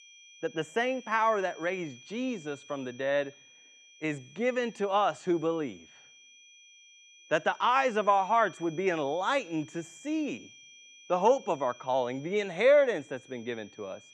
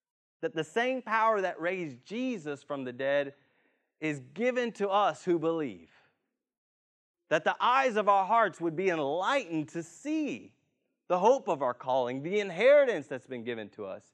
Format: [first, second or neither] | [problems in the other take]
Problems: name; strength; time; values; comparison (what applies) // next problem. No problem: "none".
second | high-pitched whine; faint; throughout; 3 kHz, 20 dB below the speech